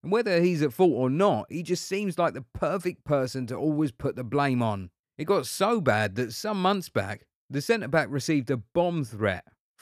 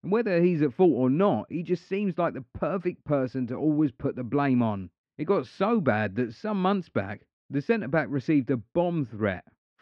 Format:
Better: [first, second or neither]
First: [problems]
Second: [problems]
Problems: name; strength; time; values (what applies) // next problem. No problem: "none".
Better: first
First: none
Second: muffled; slightly; fading above 3 kHz